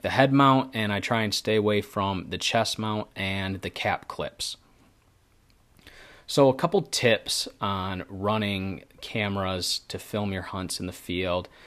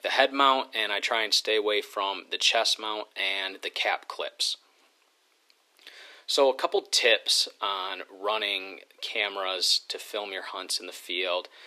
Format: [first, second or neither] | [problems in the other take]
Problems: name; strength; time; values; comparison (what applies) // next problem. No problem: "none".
first | thin; very; fading below 350 Hz